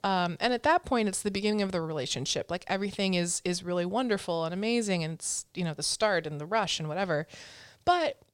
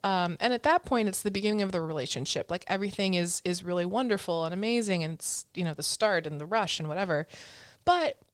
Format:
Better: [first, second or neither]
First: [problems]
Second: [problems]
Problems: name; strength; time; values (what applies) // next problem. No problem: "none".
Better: first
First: none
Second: garbled, watery; slightly; nothing above 16.5 kHz